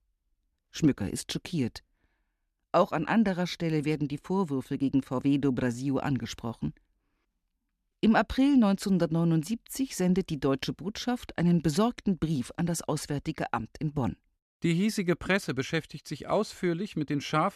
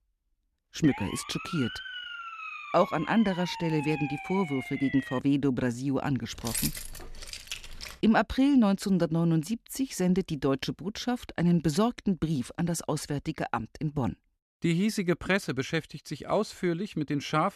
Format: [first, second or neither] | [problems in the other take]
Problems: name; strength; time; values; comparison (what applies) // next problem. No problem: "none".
first | siren; noticeable; from 1 to 5 s; peak 8 dB below the speech // jangling keys; noticeable; from 6.5 to 8 s; peak 2 dB below the speech